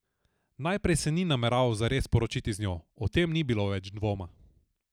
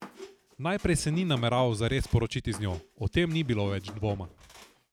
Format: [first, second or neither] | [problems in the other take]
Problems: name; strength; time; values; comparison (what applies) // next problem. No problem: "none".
first | background sound (Squeak); 19 dB below the speech